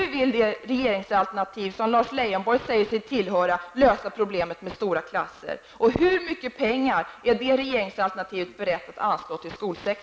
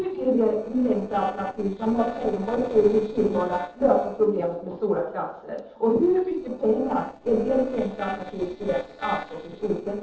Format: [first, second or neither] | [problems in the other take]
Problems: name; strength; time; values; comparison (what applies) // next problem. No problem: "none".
first | noise reduction (neural separator model SepFormer DNS4)